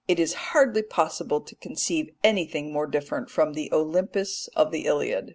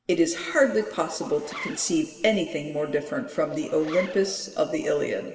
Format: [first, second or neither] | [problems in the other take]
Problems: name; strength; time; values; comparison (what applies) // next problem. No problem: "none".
first | background sound (Zipper (clothing)); 16 dB below the speech // room echo; dies away in 2.2 s